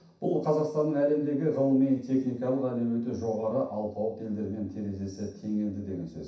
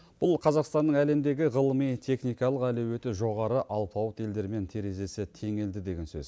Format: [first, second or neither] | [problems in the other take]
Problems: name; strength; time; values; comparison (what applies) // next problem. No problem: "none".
second | room echo; dies away in 0.6 s